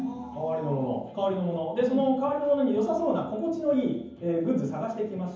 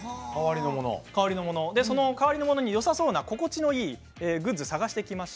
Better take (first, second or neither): second